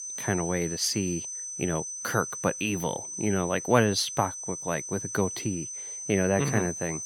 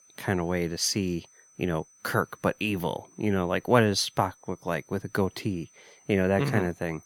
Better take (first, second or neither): second